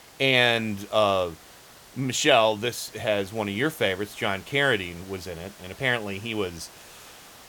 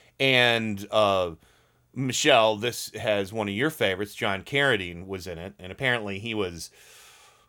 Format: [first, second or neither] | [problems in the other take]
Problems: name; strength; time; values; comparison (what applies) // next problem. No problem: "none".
second | hiss; faint; throughout; 20 dB below the speech